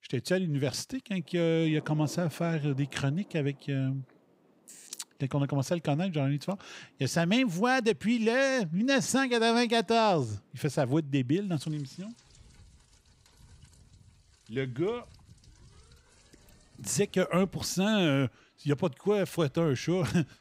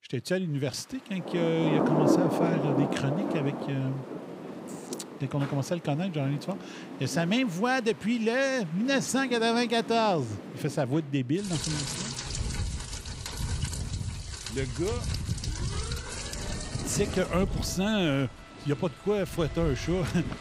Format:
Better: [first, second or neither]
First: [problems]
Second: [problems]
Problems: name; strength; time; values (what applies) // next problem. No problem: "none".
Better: first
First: rain or running water; faint; throughout; 30 dB below the speech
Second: rain or running water; loud; throughout; 4 dB below the speech